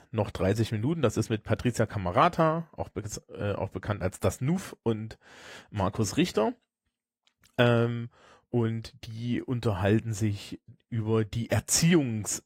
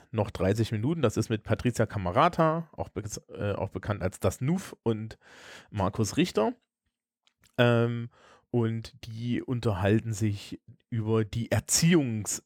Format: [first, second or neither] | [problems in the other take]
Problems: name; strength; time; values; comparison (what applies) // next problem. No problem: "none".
second | garbled, watery; slightly; nothing above 15.5 kHz